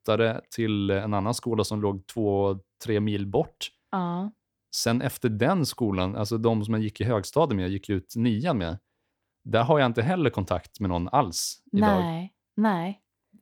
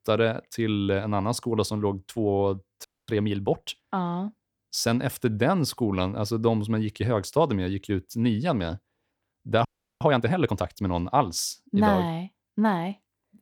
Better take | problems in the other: first | audio freezing; at 3 s and at 9.5 s

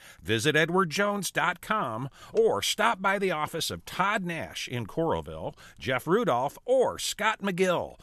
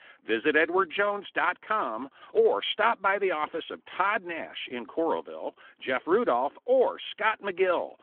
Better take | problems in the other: first | phone-call audio; nothing above 3.5 kHz

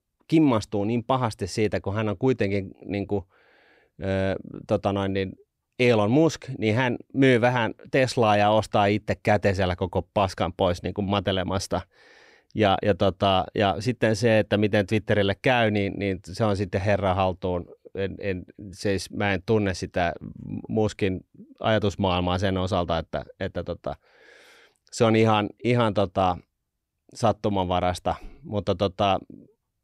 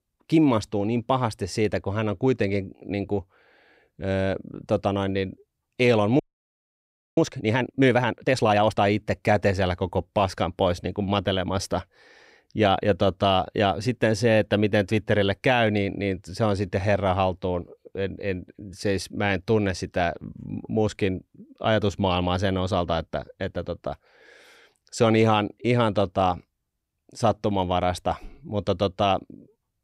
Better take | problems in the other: first | audio freezing; at 6 s for 1 s

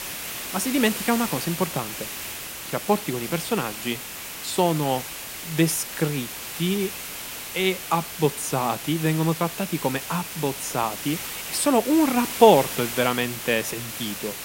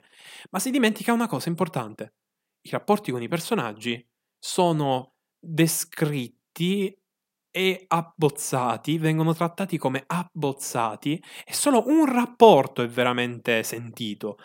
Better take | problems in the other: second | hiss; loud; throughout; 7 dB below the speech

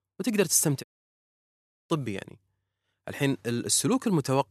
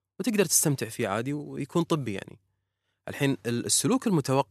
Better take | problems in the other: second | audio cutting out; at 1 s for 1 s

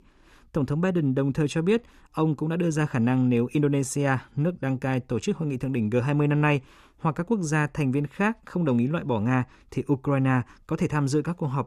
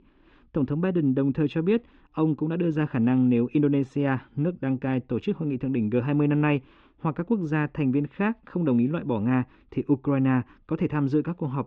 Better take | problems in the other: first | muffled; very; fading above 3.5 kHz

